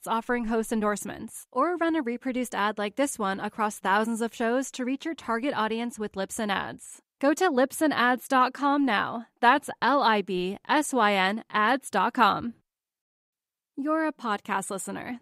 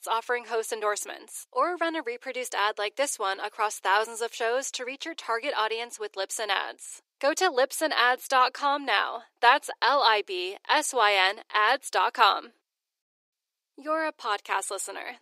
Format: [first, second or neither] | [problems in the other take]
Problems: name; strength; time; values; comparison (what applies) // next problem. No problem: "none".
first | thin; very; fading below 350 Hz